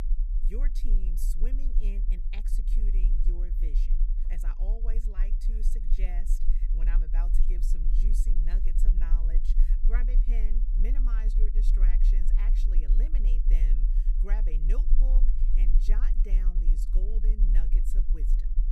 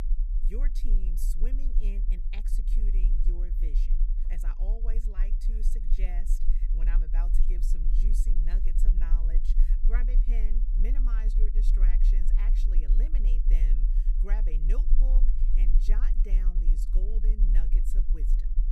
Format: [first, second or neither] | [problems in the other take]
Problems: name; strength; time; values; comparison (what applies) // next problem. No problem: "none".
neither | low rumble; loud; throughout; 5 dB below the speech; the same in both